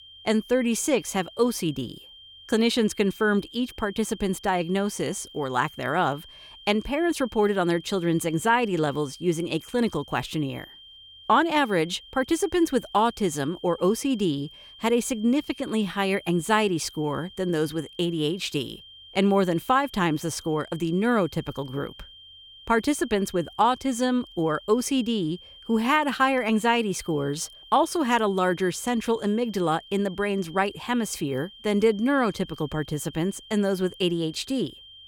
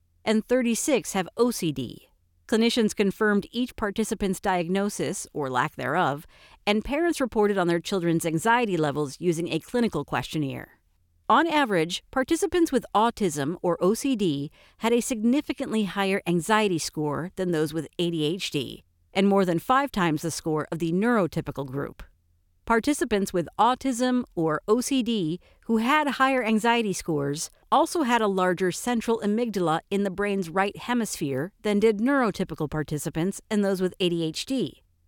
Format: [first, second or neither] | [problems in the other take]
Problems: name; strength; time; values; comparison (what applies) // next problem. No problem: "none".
second | high-pitched whine; noticeable; throughout; 3 kHz, 20 dB below the speech